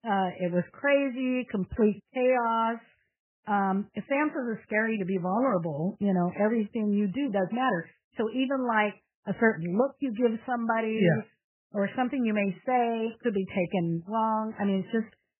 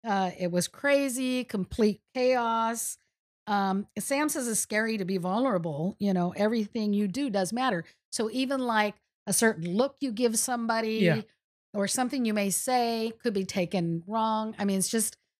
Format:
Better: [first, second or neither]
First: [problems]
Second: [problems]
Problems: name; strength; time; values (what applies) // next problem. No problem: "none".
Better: second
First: garbled, watery; badly; nothing above 3 kHz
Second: none